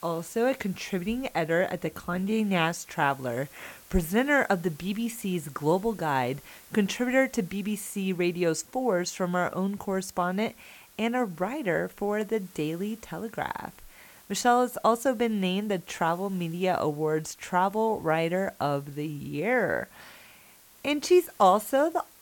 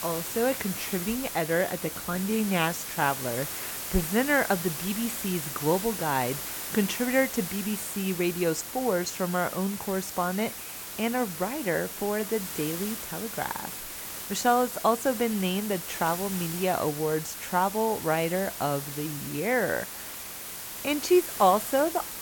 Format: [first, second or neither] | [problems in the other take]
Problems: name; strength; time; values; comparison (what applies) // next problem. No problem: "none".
first | hiss; loud; throughout; 6 dB below the speech; faint in the first